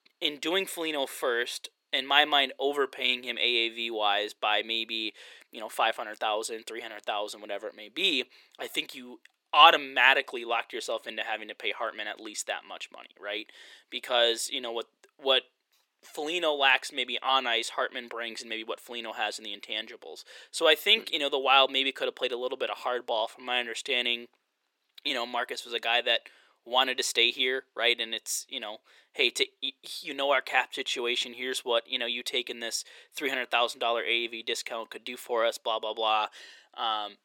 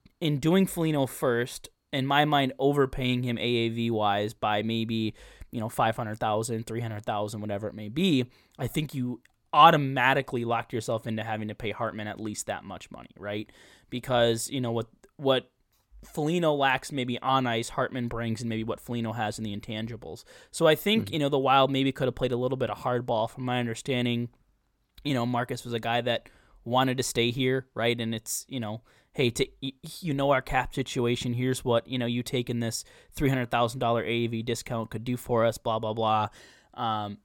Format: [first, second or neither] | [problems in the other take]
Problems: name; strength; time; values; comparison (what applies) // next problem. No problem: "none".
second | thin; very; fading below 350 Hz